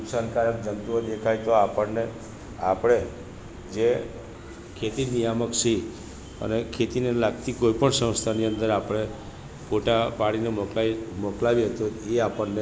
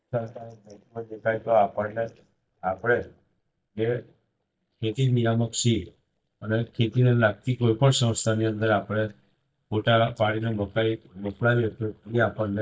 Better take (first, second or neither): first